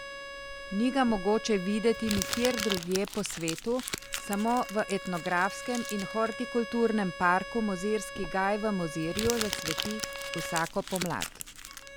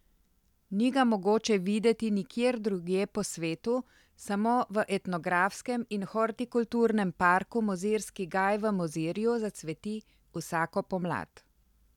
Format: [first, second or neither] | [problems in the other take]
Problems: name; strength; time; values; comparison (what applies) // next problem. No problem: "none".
second | background sound (Bowed string instrument + Crumpling, crinkling); 7 dB below the speech